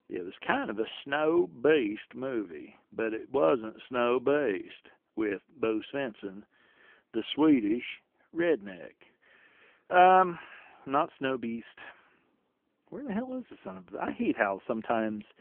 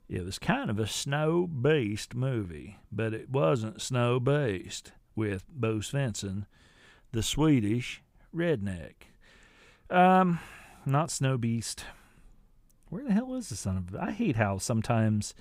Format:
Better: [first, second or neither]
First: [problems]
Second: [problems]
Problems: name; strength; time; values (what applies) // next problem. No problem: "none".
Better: second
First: phone-call audio; poor line; nothing above 3.5 kHz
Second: none